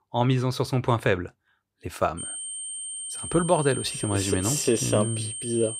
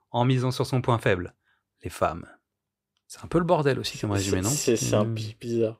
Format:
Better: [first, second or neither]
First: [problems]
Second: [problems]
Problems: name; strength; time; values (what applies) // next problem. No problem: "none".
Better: second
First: high-pitched whine; loud; from 2 s on; 8.5 kHz, 6 dB below the speech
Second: none